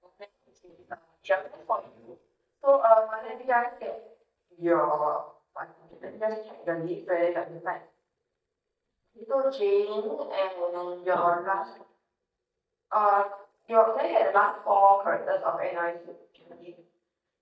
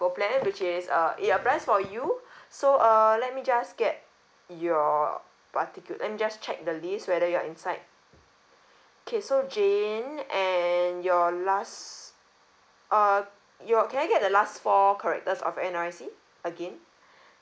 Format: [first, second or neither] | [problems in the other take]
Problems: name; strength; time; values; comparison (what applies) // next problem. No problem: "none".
second | noise reduction (neural mask model DeepFilterNet 3)